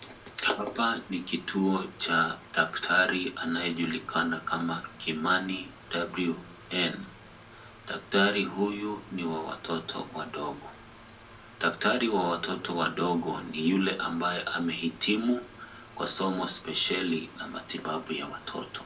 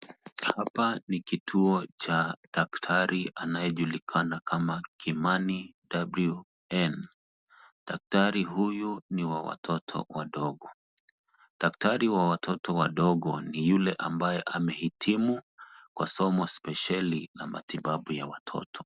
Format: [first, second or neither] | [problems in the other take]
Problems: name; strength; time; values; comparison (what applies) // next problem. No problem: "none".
second | background sound (Mechanical fan); 19 dB below the speech // room echo; dies away in 0.2 s